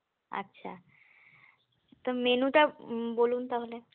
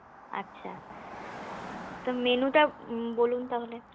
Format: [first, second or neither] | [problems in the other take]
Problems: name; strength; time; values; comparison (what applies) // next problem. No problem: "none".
first | background sound (Car passing by); 14 dB below the speech